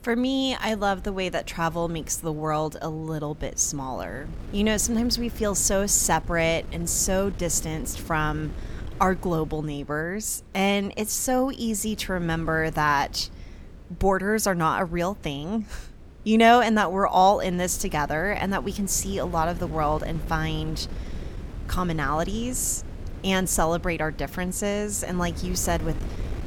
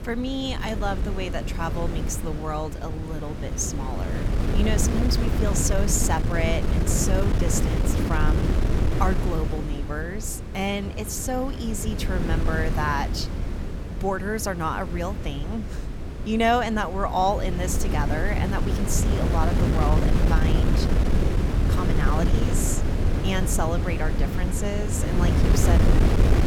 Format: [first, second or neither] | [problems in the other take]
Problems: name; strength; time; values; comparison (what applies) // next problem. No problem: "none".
first | wind noise on the microphone; heavy; 5 dB below the speech; occasional gusts in the first